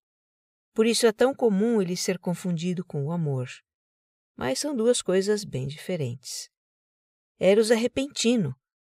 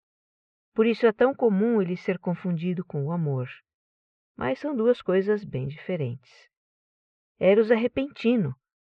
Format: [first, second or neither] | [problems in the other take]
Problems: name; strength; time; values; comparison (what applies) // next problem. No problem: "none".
first | muffled; very; fading above 2.5 kHz